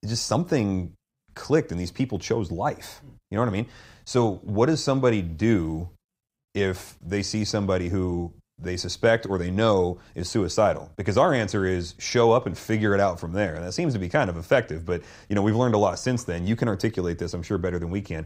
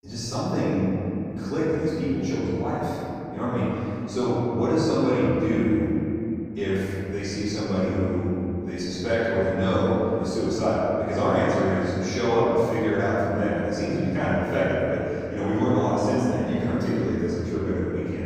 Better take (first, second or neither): first